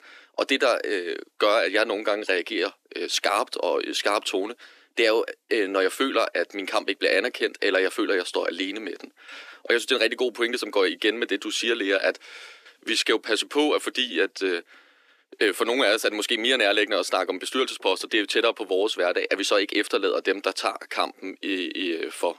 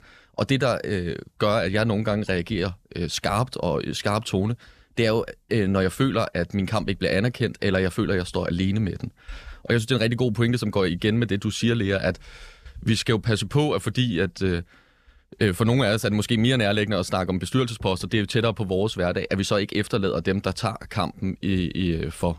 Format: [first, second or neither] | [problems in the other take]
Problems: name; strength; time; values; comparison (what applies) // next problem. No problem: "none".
second | thin; somewhat; fading below 300 Hz